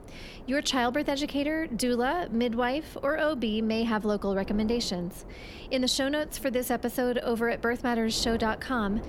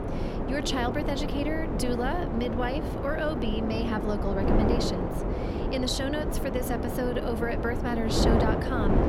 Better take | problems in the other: first | wind noise on the microphone; heavy; 1 dB below the speech; occasional gusts in the first

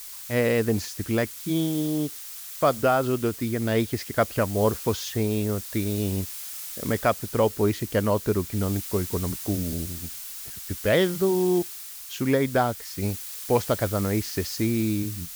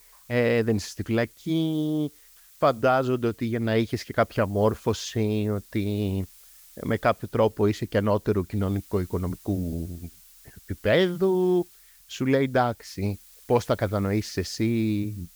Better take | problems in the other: second | hiss; loud; throughout; 8 dB below the speech; faint in the second

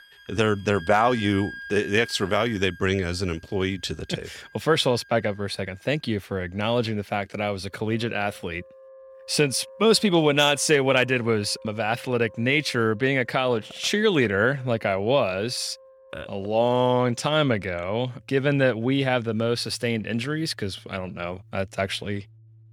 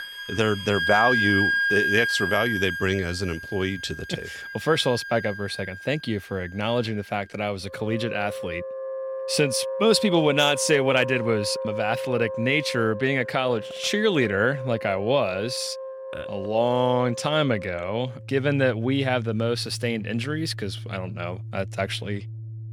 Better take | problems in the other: first | background music; loud; throughout; 5 dB below the speech; faint in the first

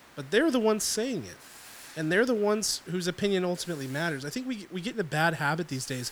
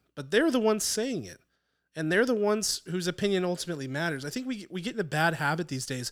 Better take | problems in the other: second | hiss; faint; throughout; 20 dB below the speech

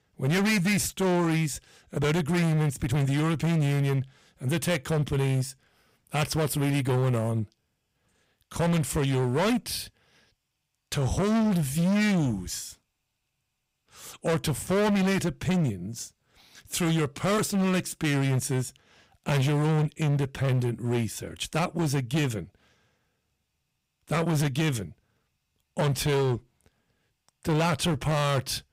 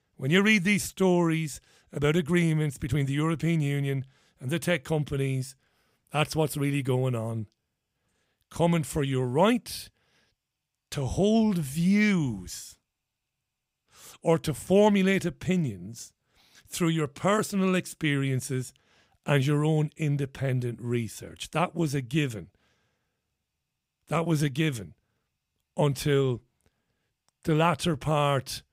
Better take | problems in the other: second | distortion; heavy; 17% of the sound clipped

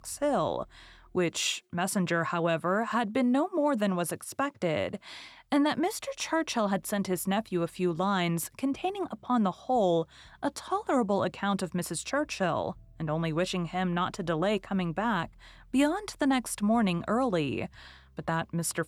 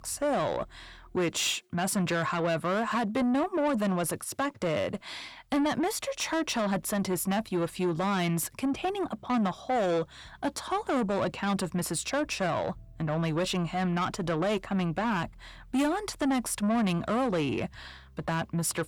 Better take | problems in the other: first | distortion; slight; 10 dB below the speech

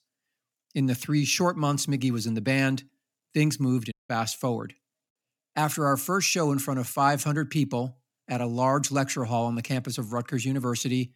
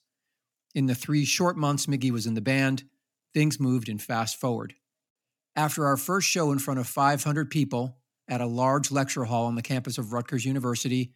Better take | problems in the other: second | audio cutting out; at 4 s

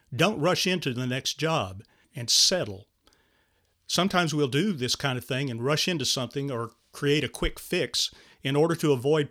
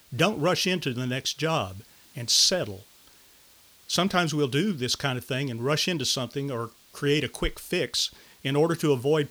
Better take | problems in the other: first | hiss; faint; throughout; 30 dB below the speech

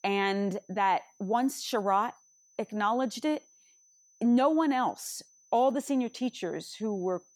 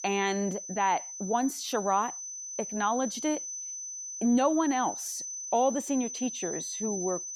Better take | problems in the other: first | high-pitched whine; loud; throughout; 6 kHz, 6 dB below the speech; faint in the first

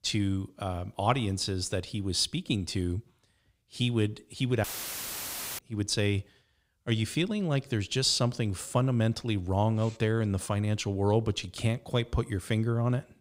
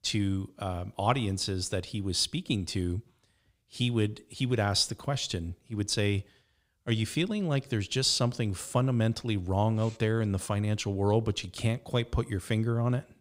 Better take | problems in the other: second | audio cutting out; filled with static; at 4.5 s for 1 s

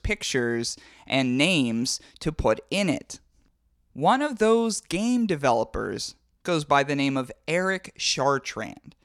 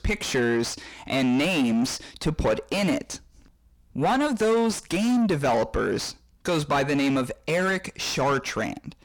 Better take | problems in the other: first | distortion; heavy; 6 dB below the speech

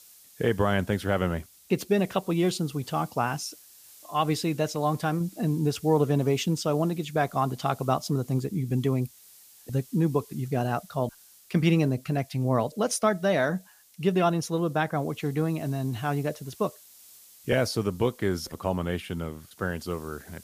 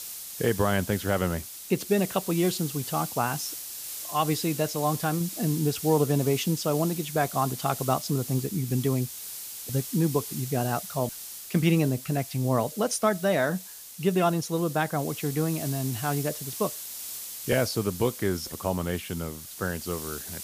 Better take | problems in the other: first | hiss; loud; throughout; 8 dB below the speech; faint in the first

